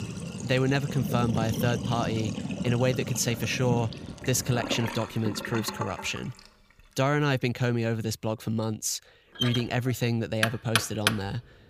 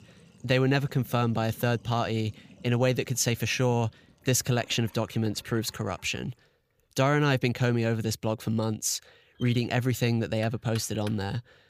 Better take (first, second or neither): second